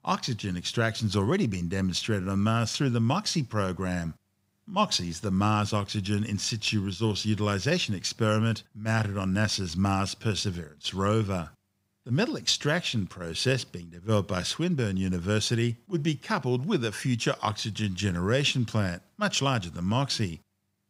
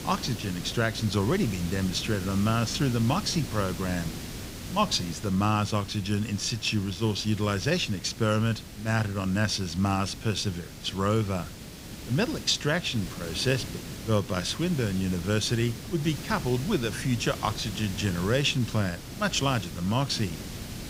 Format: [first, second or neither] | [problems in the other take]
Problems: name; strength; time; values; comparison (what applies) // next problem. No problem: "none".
first | hiss; noticeable; throughout; 10 dB below the speech